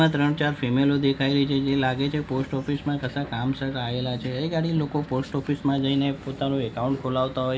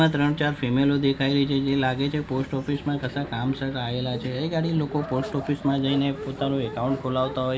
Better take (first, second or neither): first